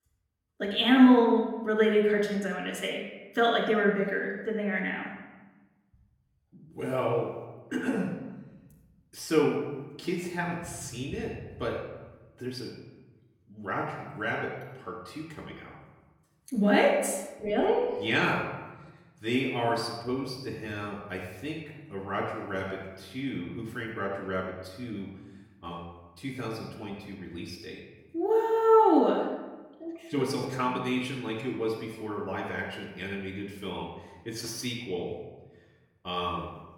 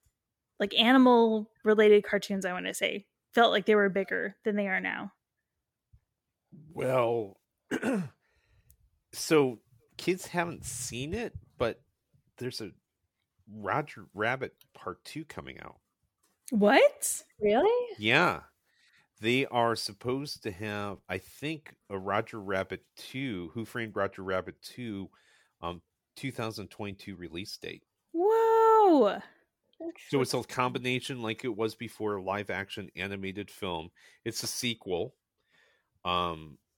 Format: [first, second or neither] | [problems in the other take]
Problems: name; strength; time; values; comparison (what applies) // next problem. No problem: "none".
second | room echo; noticeable; dies away in 1.1 s // off-mic speech; far